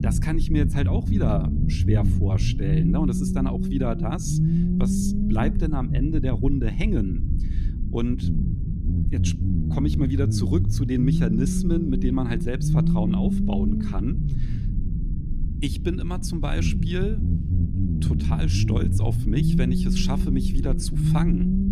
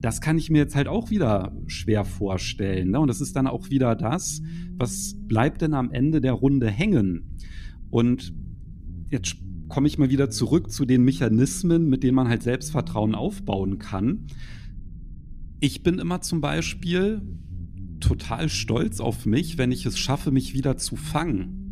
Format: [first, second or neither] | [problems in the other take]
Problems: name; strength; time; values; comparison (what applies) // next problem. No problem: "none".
second | low rumble; loud; throughout; 2 dB below the speech; faint in the second